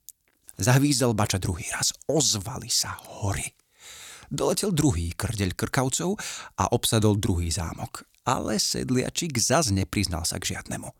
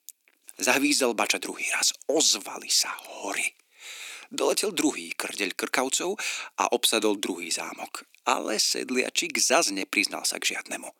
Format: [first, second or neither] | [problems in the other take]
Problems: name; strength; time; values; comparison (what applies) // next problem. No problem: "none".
first | thin; somewhat; fading below 250 Hz